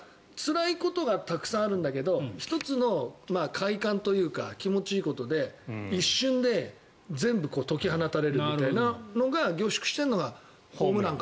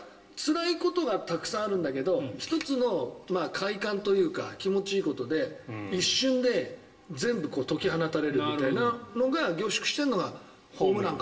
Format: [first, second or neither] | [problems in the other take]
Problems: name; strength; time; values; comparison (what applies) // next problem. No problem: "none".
first | room echo; dies away in 0.8 s